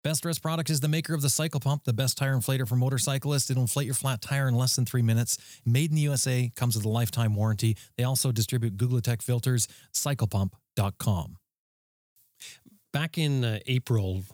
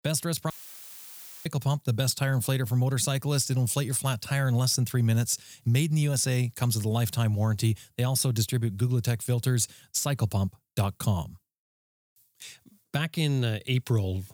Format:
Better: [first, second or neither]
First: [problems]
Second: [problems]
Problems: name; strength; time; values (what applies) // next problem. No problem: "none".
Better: first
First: none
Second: audio cutting out; filled with static; at 0.5 s for 1 s